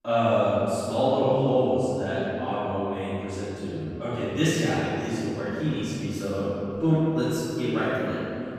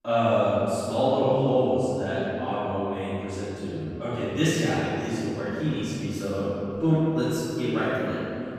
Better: neither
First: off-mic speech; far // room echo; strong; dies away in 3 s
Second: off-mic speech; far // room echo; strong; dies away in 3 s

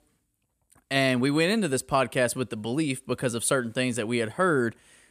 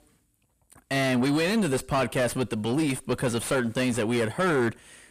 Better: first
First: none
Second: distortion; heavy; 6 dB below the speech

